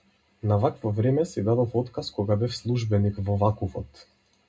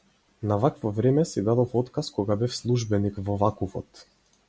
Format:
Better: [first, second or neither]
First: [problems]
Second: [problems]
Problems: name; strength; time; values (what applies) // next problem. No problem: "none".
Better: second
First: room echo; dies away in 0.2 s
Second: none